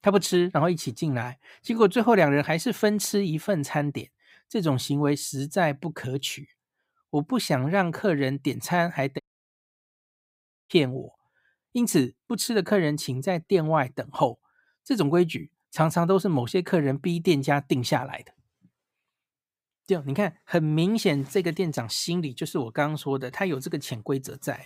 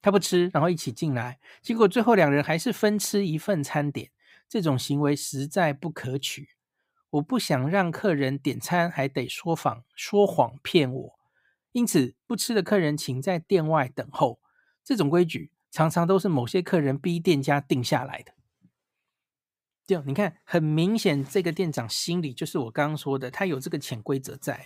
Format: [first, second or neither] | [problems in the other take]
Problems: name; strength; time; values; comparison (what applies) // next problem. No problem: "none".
second | audio cutting out; at 9 s for 1.5 s